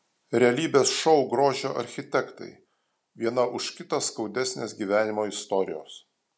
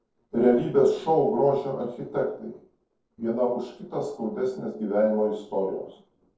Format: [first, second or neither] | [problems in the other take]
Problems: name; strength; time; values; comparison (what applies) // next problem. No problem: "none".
first | noise reduction (neural separator model SepFormer DNS4)